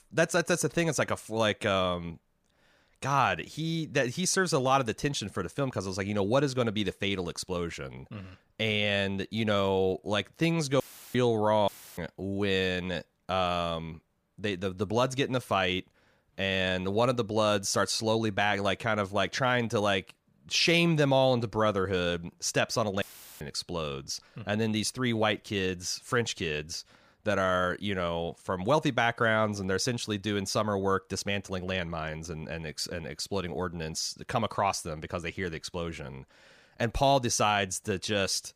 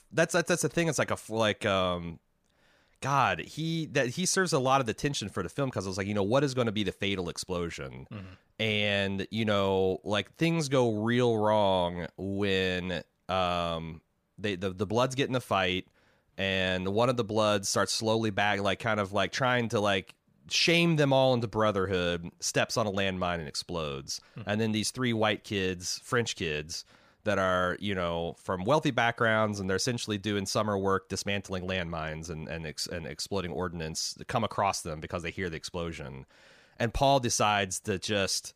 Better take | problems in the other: second | audio cutting out; filled with static; at 11 s, at 12 s and at 23 s

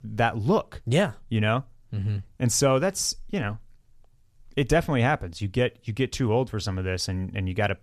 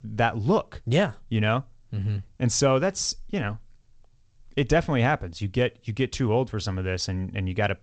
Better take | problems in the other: first | garbled, watery; slightly; nothing above 7.5 kHz

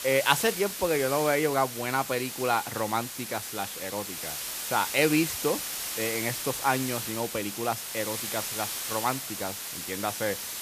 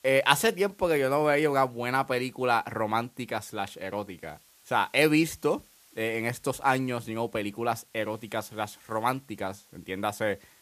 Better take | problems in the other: second | hiss; loud; throughout; 4 dB below the speech; faint in the second

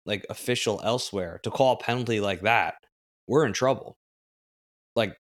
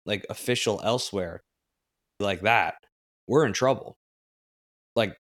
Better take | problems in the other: first | audio cutting out; at 1.5 s for 1 s

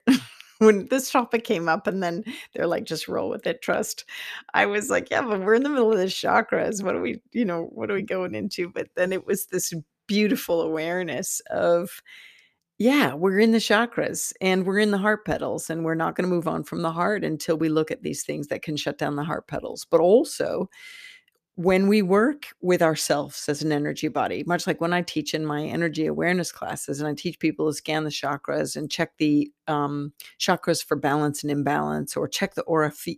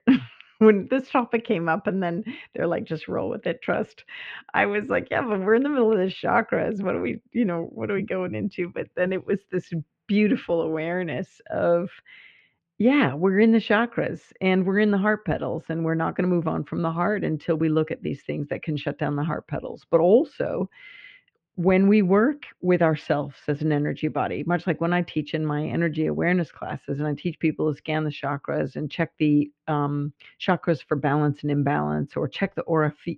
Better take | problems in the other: first | muffled; very; fading above 3 kHz

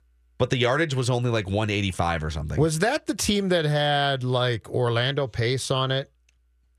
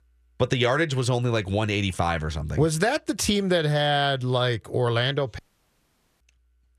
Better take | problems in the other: first | audio cutting out; at 5.5 s for 1 s

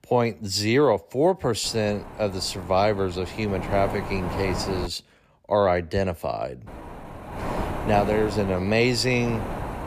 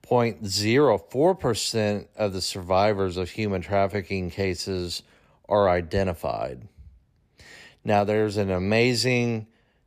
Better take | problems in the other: second | wind noise on the microphone; heavy; from 1.5 to 5 s and from 6.5 s on; 10 dB below the speech

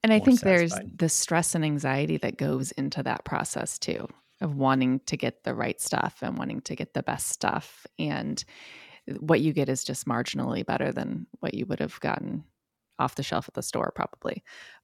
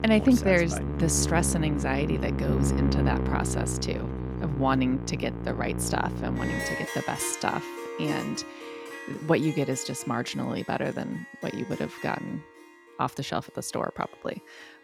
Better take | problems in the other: first | background music; loud; throughout; 3 dB below the speech

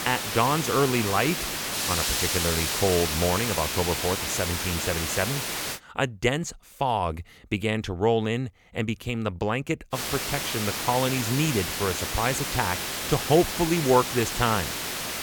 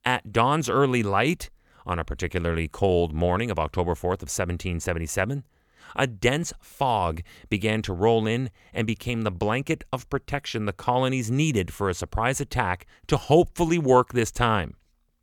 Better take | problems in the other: second | hiss; loud; until 6 s and from 10 s on; 1 dB below the speech

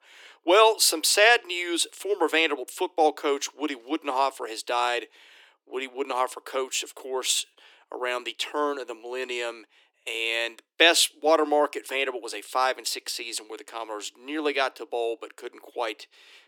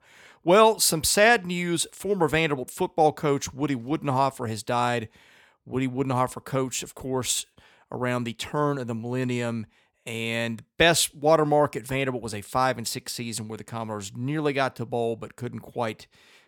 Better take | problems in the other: second | thin; somewhat; fading below 300 Hz

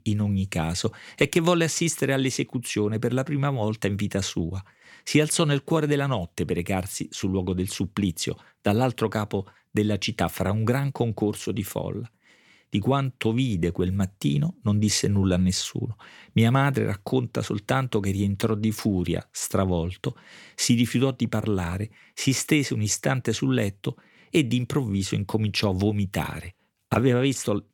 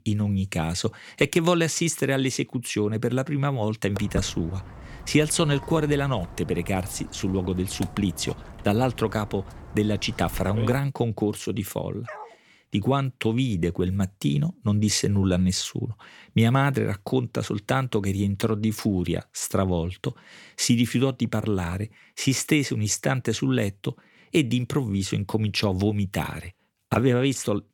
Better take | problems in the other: first | footsteps; noticeable; from 4 to 11 s; peak 7 dB below the speech // dog barking; faint; at 12 s; peak 15 dB below the speech

